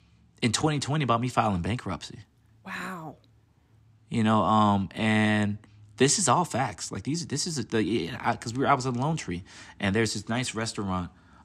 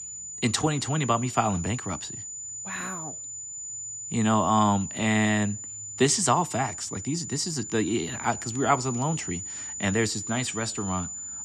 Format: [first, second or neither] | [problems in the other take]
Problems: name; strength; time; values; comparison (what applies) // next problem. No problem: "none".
first | high-pitched whine; loud; throughout; 7 kHz, 8 dB below the speech